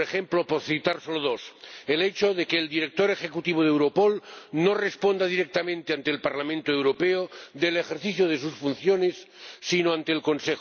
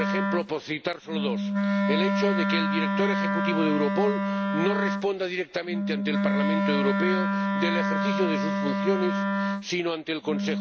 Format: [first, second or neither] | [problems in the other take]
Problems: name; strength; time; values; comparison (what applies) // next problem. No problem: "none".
first | background sound (Wind instrument, woodwind instrument); 3 dB above the speech